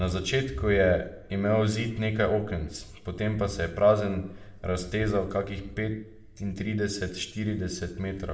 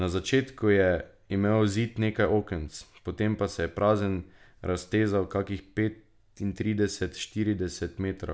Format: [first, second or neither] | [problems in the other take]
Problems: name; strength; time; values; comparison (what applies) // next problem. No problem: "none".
second | background sound (Thunder); 16 dB below the speech // room echo; dies away in 0.6 s